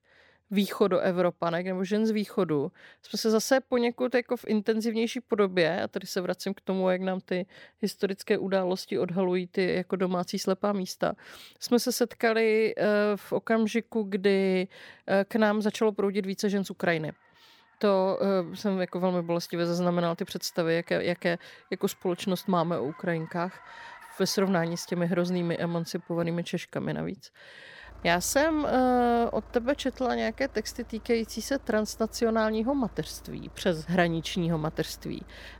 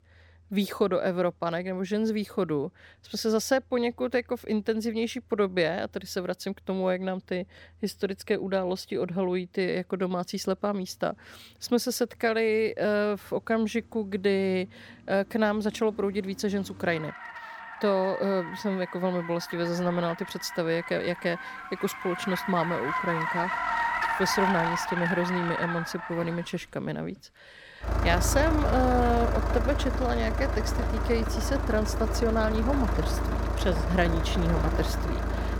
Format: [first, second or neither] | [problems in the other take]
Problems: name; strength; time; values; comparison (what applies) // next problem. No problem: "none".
first | traffic noise; loud; throughout; 2 dB below the speech; faint in the first